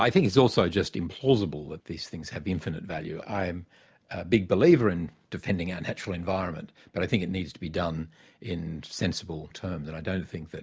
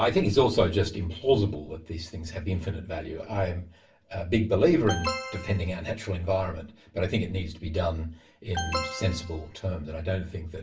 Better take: first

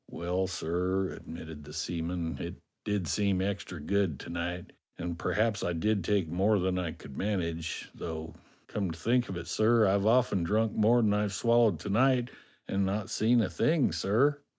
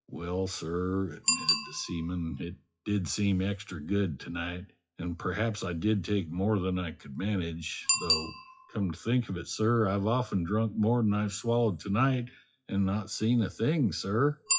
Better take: first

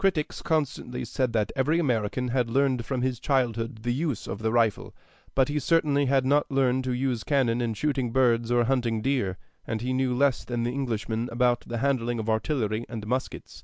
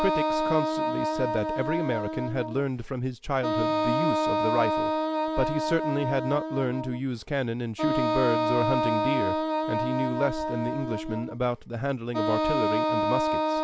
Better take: first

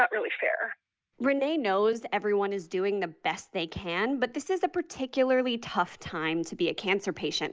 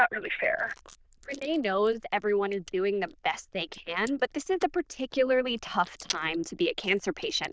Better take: first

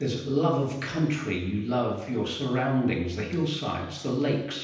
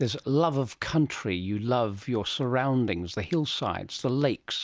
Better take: second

